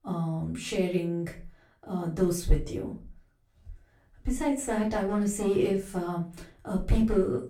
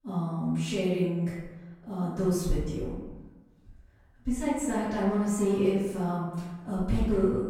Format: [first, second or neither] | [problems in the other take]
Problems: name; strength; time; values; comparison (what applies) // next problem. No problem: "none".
first | room echo; strong; dies away in 1 s; slight in the first // off-mic speech; far; far in the first